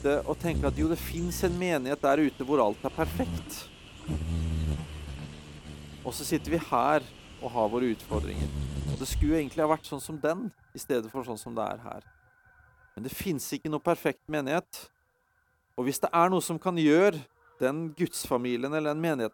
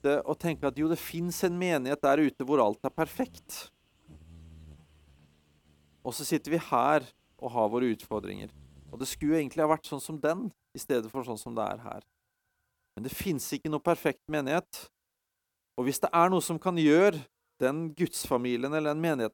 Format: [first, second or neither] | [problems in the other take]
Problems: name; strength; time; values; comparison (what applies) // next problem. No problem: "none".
second | animal sounds; loud; throughout; 9 dB below the speech; faint in the second